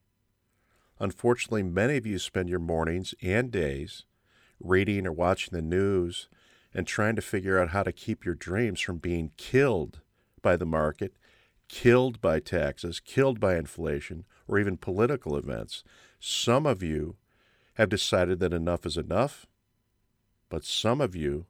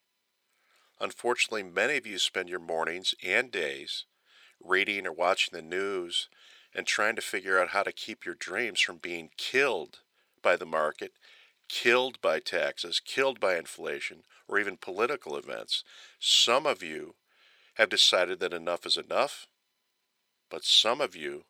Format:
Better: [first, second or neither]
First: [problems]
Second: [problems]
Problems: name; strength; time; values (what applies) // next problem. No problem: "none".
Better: first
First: none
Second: thin; very; fading below 550 Hz